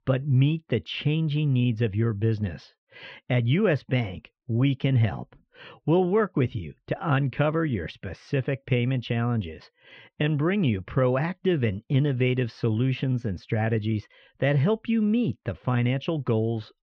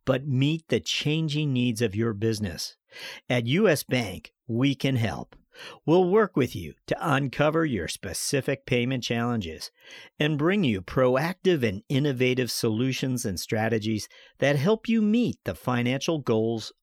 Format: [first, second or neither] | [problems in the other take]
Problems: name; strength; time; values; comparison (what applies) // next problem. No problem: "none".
second | muffled; very; fading above 3 kHz